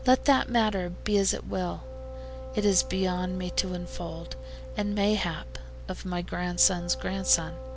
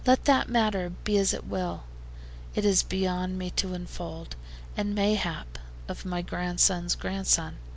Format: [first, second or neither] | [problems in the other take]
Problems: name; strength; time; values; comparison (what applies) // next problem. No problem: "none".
second | background sound (Wind instrument, woodwind instrument); 16 dB below the speech